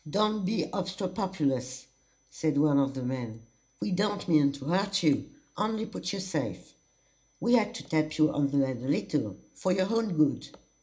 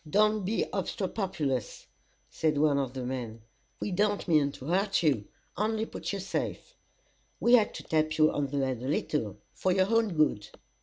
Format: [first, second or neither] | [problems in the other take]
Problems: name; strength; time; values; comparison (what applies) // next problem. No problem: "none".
second | room echo; dies away in 0.4 s